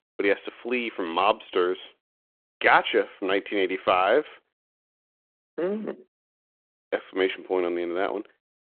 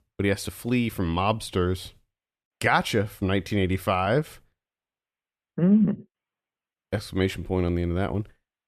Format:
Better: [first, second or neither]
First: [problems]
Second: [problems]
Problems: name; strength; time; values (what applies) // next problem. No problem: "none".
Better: second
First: phone-call audio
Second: none